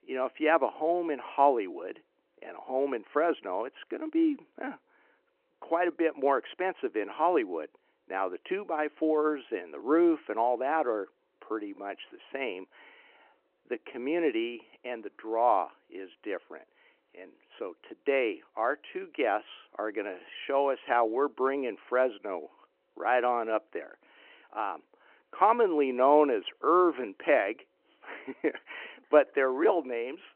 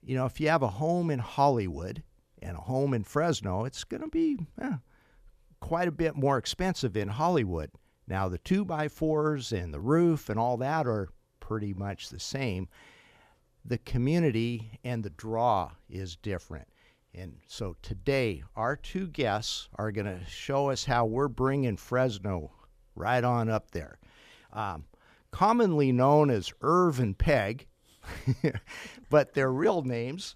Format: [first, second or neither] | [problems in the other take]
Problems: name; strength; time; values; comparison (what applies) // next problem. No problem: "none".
second | phone-call audio